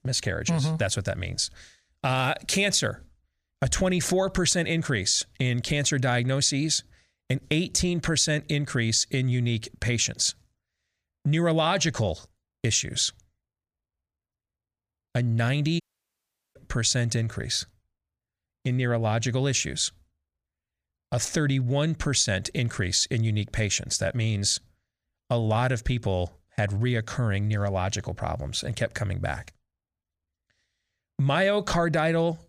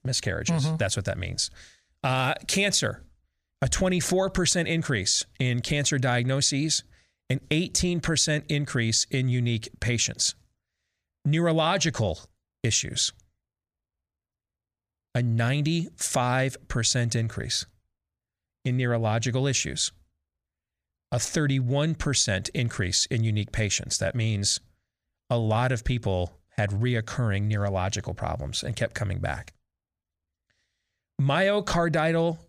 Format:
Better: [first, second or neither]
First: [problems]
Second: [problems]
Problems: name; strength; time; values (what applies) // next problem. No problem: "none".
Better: second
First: audio cutting out; at 16 s for 1 s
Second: none